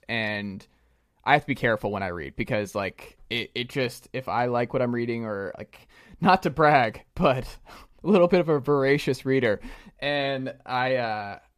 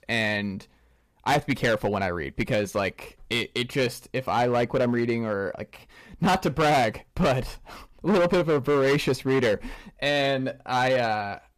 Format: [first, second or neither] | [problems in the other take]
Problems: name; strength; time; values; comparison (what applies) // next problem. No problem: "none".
first | distortion; heavy; 9% of the sound clipped